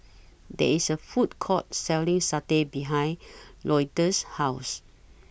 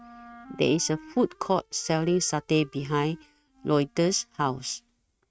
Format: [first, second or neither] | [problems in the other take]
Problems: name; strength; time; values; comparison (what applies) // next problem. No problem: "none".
first | noise reduction (neural mask model RNNoise)